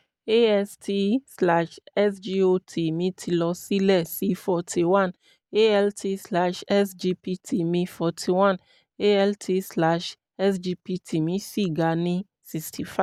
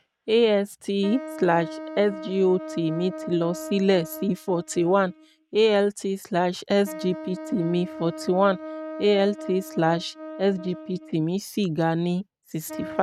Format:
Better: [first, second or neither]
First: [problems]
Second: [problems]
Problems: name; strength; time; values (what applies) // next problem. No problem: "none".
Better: first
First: none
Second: noise reduction (neural mask model RNNoise)